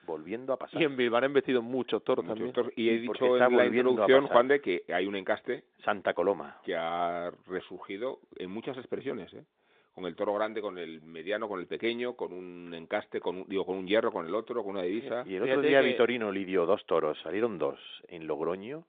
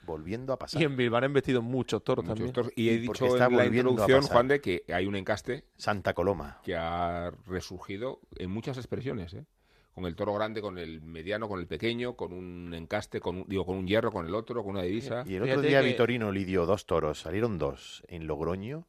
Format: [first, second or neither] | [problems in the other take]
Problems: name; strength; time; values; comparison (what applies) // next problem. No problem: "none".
second | phone-call audio; nothing above 3.5 kHz